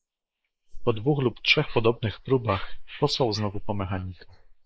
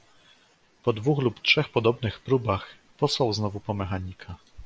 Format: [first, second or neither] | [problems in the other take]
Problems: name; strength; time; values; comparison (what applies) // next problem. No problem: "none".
second | noise reduction (neural mask model Resemble Enhance denoiser)